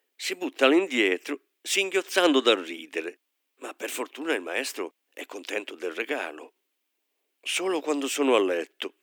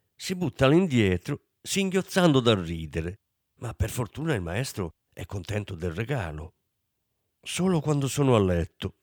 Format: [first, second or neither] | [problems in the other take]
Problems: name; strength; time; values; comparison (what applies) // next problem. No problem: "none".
second | thin; somewhat; fading below 250 Hz